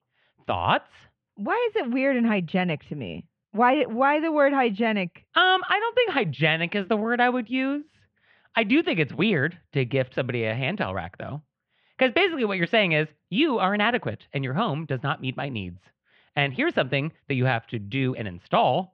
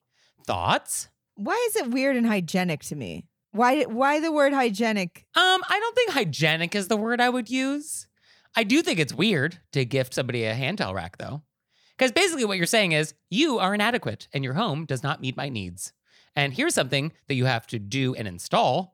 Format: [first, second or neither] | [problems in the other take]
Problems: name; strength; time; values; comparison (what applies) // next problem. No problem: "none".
second | muffled; very; fading above 3 kHz